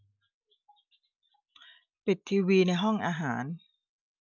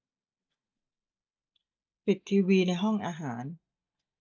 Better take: first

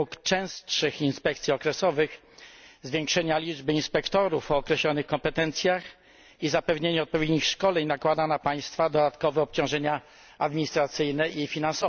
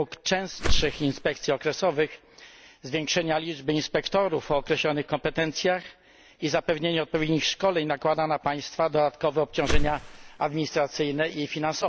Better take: first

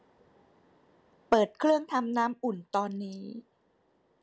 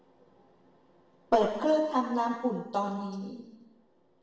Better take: first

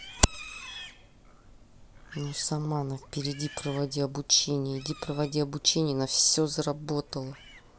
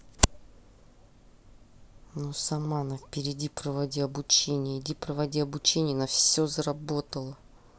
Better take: second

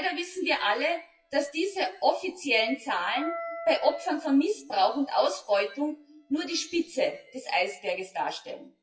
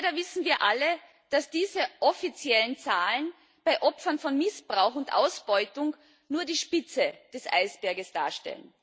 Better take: second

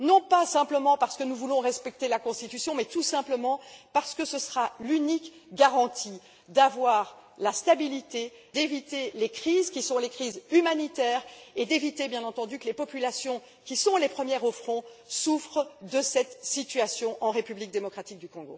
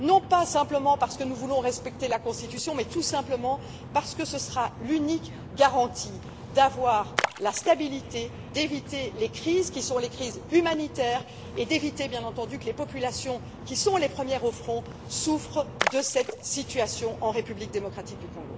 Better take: first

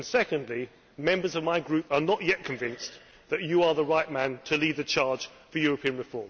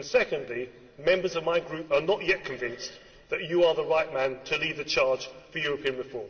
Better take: first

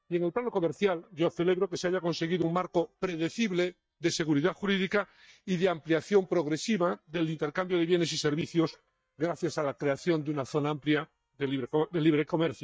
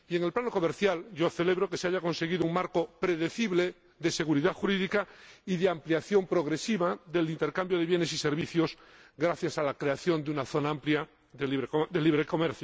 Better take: second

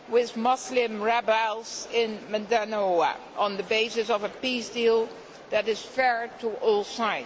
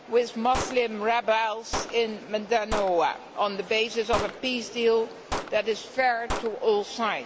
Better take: first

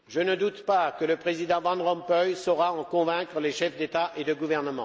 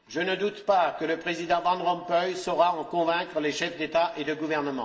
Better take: first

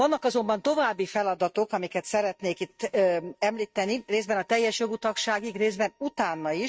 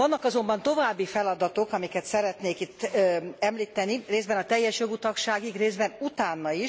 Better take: second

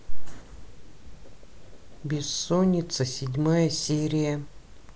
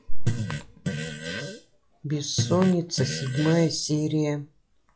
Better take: first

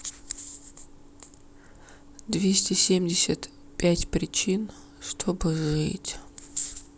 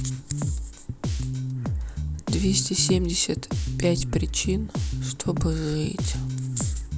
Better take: first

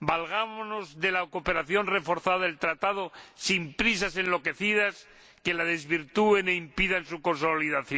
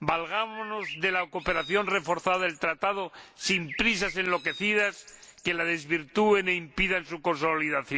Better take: first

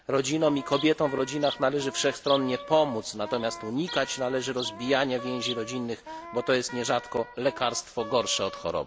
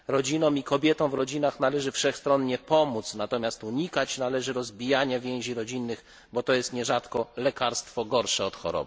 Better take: second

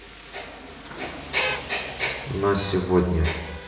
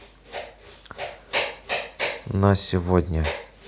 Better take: second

